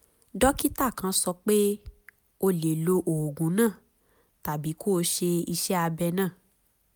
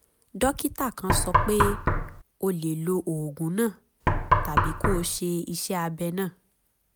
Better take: first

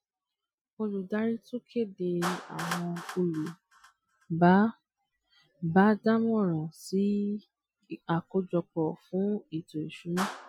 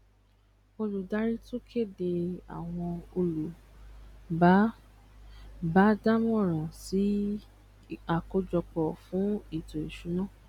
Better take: second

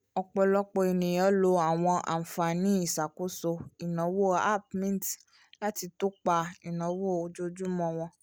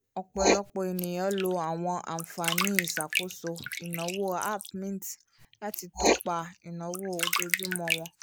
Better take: first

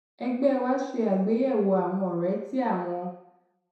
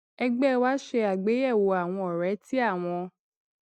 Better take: second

